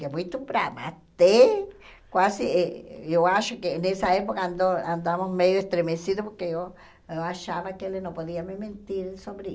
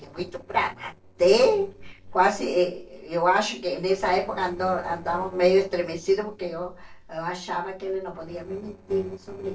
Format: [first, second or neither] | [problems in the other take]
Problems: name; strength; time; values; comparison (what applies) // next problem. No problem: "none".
first | noise reduction (neural separator model SepFormer DNS4)